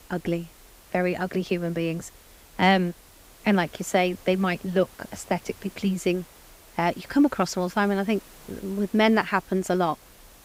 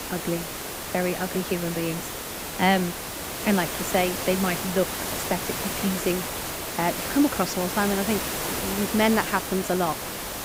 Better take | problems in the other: first | hiss; loud; throughout; 3 dB below the speech; faint in the first

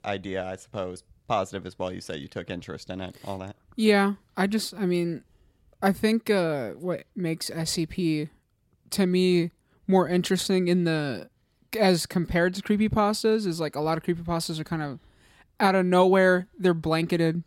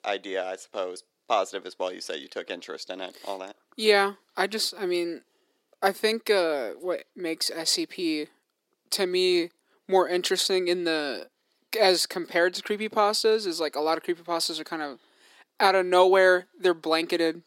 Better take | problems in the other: first | thin; very; fading below 300 Hz

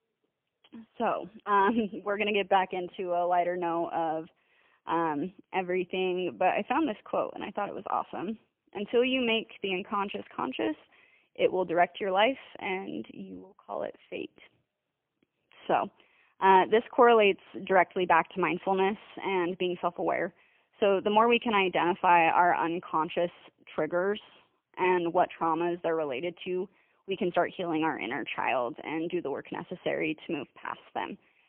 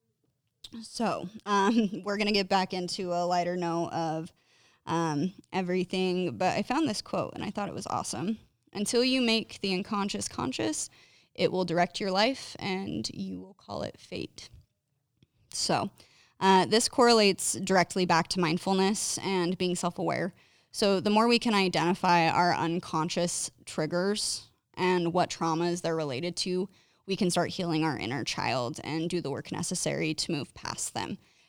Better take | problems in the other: second | phone-call audio; poor line; nothing above 3 kHz

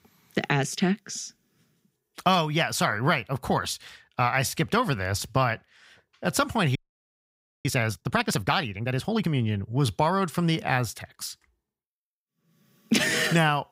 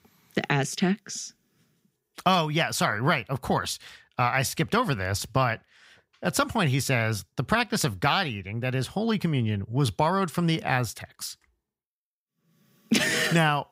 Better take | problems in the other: second | audio freezing; at 7 s for 1 s

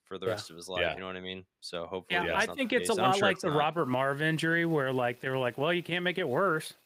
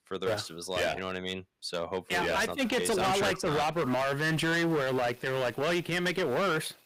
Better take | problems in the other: first | distortion; heavy; 19% of the sound clipped

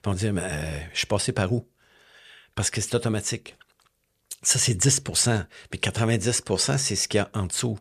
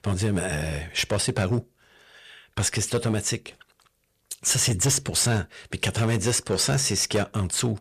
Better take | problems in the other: first | distortion; slight; 7% of the sound clipped

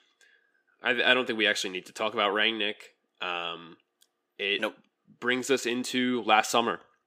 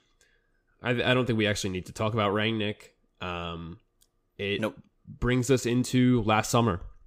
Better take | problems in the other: second | thin; somewhat; fading below 250 Hz

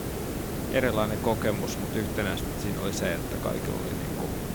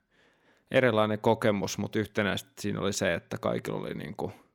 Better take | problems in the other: second | hiss; loud; throughout; 1 dB below the speech

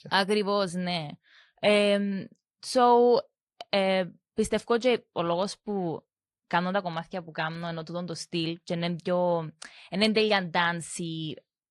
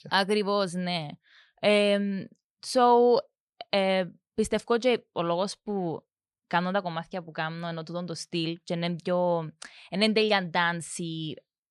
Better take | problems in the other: second | garbled, watery; slightly; nothing above 13 kHz

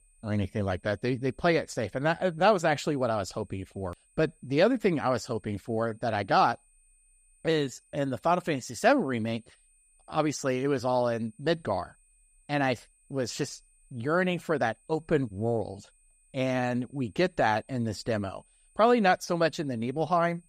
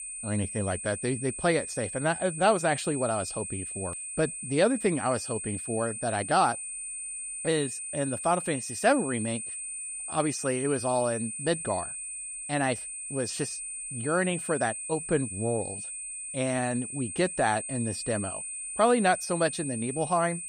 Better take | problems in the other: first | high-pitched whine; loud; throughout; 8.5 kHz, 5 dB below the speech; faint in the first

